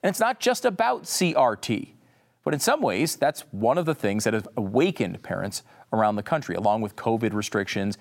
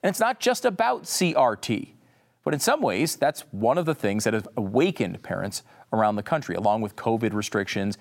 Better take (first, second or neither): neither